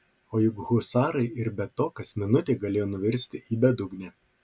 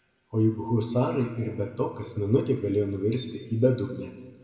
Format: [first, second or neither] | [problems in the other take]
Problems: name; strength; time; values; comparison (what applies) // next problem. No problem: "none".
first | room echo; dies away in 1.6 s